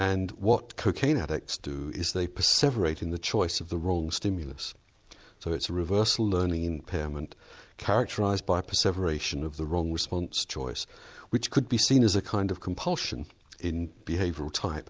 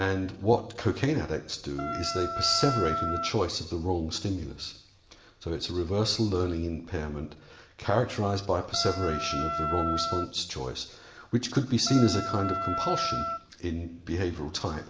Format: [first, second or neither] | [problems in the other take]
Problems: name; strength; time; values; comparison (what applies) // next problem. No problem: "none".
first | background sound (Wind instrument, woodwind instrument); 3 dB below the speech // room echo; dies away in 0.8 s